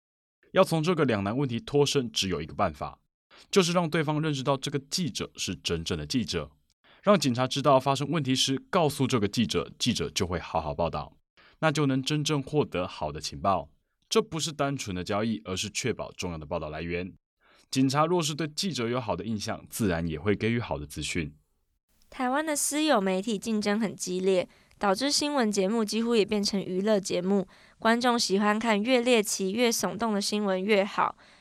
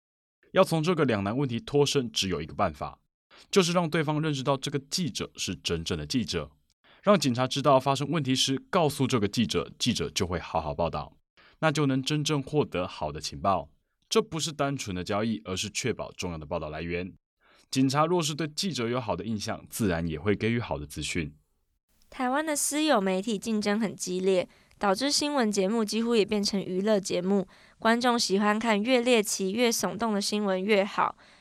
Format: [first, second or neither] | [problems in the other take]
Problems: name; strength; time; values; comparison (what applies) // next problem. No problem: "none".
neither | none